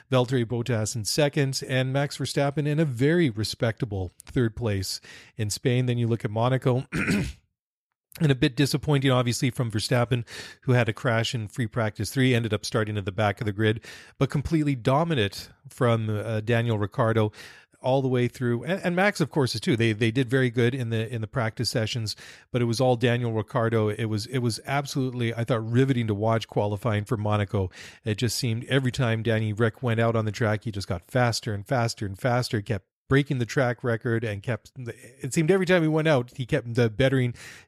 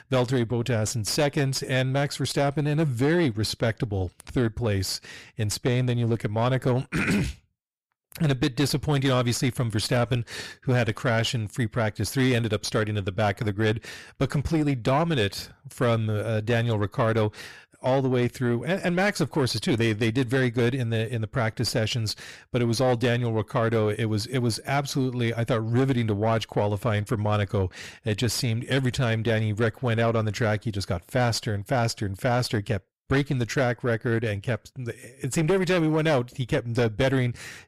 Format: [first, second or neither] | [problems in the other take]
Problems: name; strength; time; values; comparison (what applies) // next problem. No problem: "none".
first | distortion; slight; 9 dB below the speech